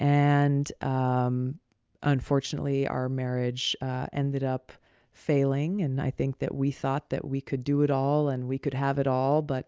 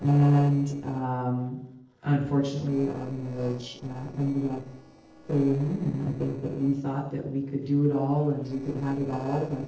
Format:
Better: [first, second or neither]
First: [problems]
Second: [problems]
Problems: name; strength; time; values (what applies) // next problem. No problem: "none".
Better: first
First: none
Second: noise reduction (neural separator model SepFormer DNS4)